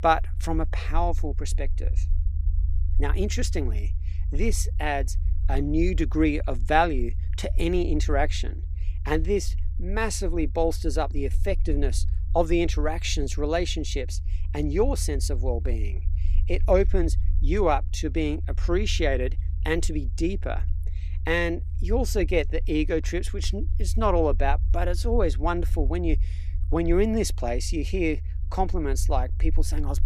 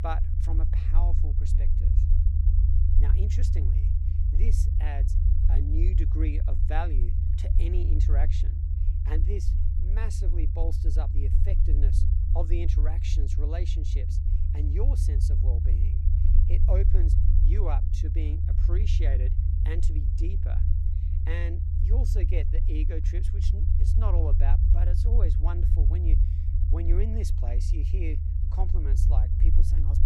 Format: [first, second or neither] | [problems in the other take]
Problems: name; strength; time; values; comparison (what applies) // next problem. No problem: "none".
first | low rumble; loud; throughout; 3 dB below the speech; faint in the first